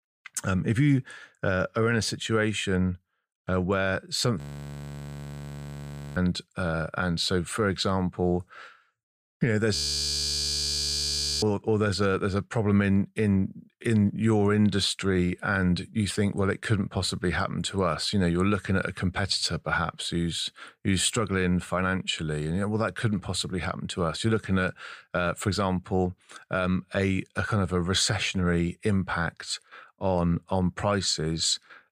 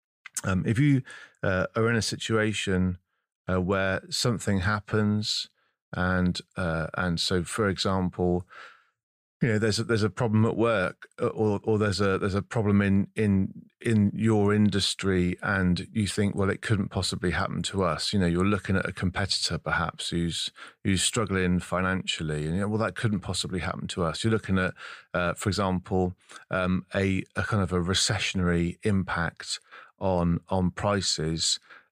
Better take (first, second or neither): second